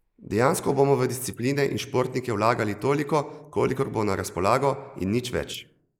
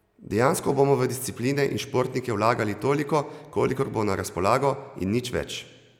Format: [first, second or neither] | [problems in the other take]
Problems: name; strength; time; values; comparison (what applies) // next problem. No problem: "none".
second | noise reduction (neural mask model Resemble Enhance denoiser)